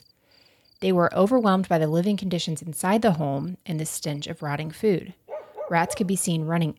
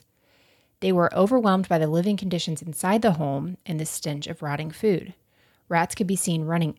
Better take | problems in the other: second | animal sounds; noticeable; throughout; 15 dB below the speech

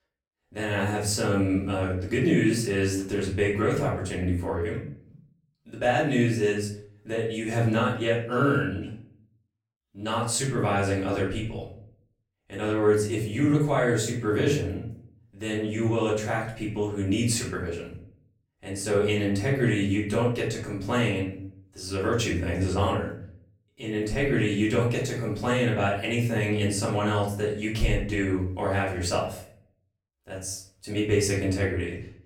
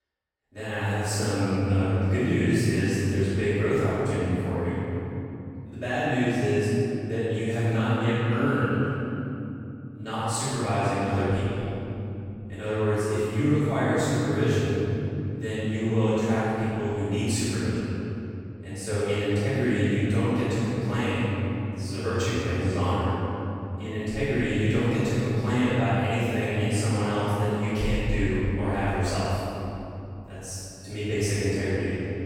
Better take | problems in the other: first | room echo; strong; dies away in 3 s; slight in the first // off-mic speech; far; far in the first

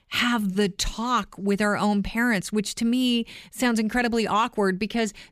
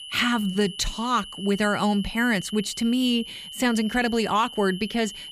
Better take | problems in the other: first | high-pitched whine; noticeable; throughout; 3 kHz, 15 dB below the speech

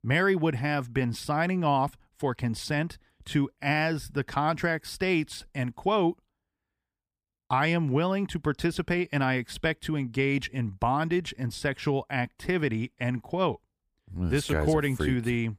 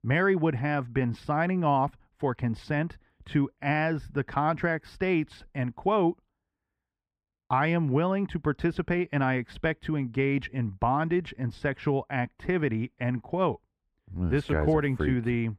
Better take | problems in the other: first | muffled; slightly; fading above 3.5 kHz

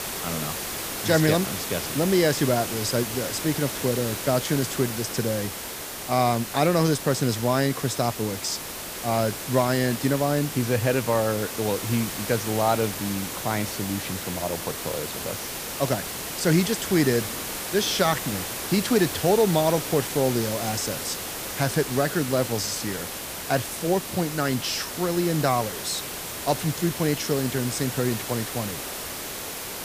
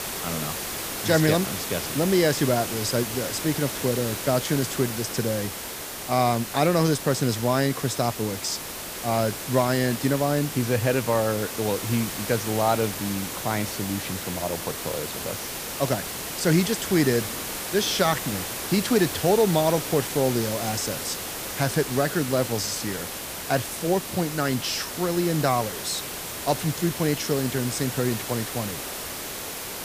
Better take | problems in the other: neither | hiss; loud; throughout; 5 dB below the speech; the same in both

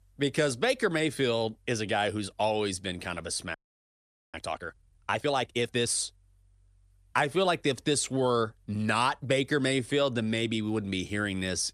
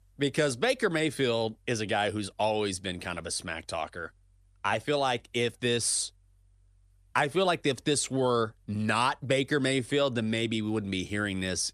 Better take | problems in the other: second | audio freezing; at 3.5 s for 1 s

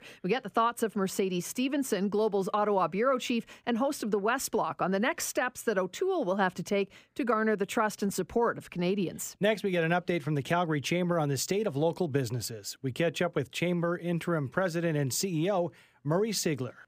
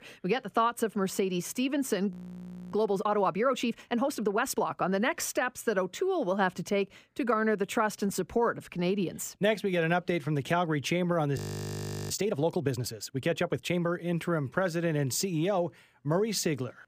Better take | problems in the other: first | audio freezing; at 2 s for 0.5 s and at 11 s for 0.5 s

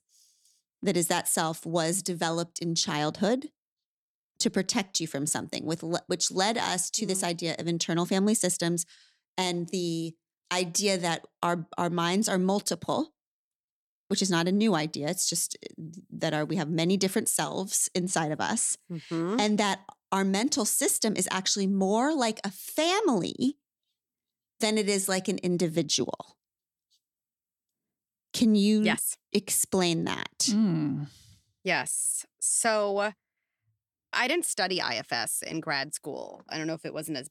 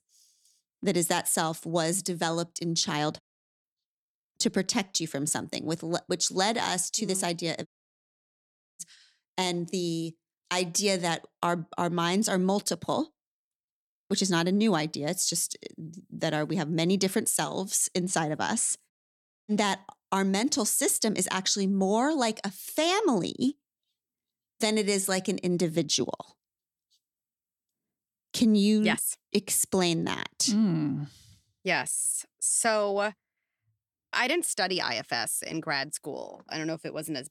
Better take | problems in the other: first | audio cutting out; at 3 s, at 7.5 s for 1 s and at 19 s for 0.5 s

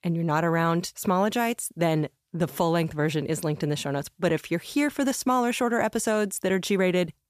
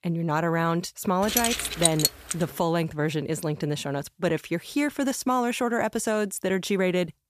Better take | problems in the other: first | jangling keys; loud; from 1.5 to 2.5 s; peak 4 dB above the speech

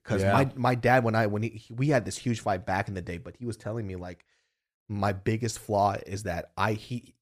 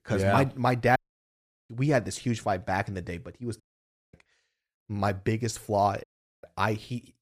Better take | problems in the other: first | audio cutting out; at 1 s for 0.5 s, at 3.5 s for 0.5 s and at 6 s

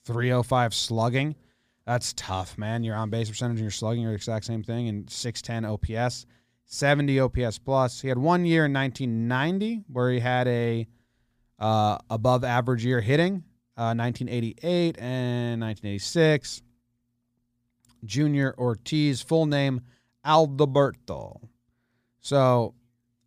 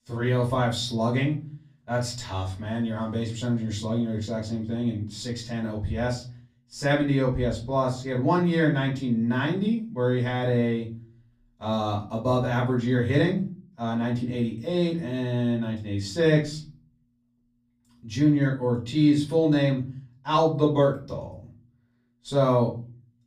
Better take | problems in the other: first | off-mic speech; far // room echo; slight; dies away in 0.4 s

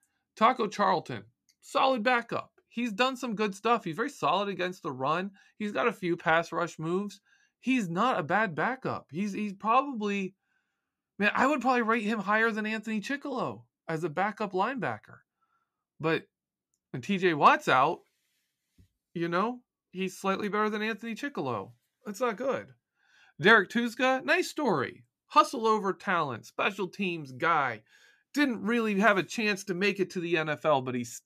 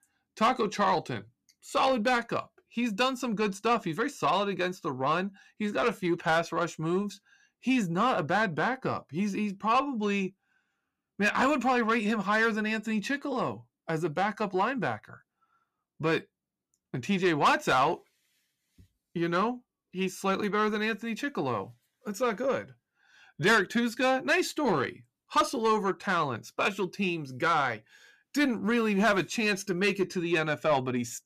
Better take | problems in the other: first | distortion; slight; 10 dB below the speech

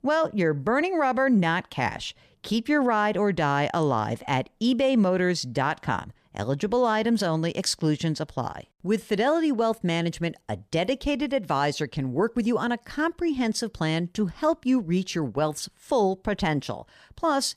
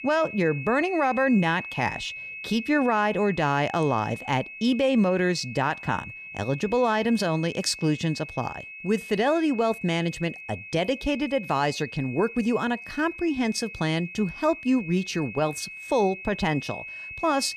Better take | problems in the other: first | high-pitched whine; noticeable; throughout; 2.5 kHz, 10 dB below the speech

